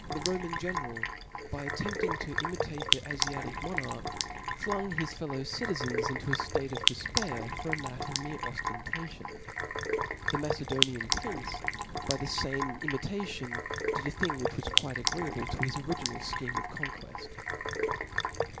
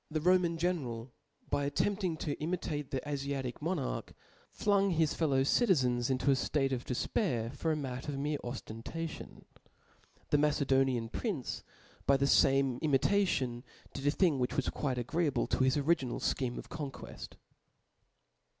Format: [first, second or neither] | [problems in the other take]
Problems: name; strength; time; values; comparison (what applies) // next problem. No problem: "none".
second | background sound (Sink (filling or washing)); 3 dB above the speech